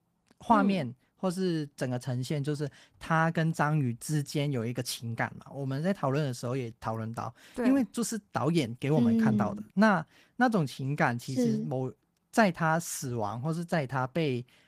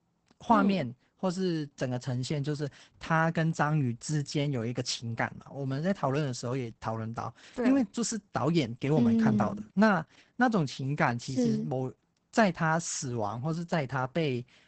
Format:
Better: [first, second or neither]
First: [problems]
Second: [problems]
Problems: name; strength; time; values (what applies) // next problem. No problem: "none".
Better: first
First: garbled, watery; slightly; nothing above 15 kHz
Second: garbled, watery; badly; nothing above 8 kHz